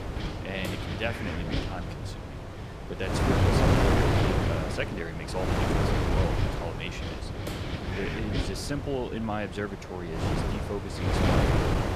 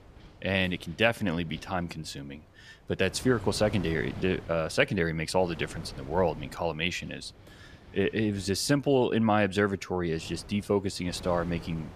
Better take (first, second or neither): second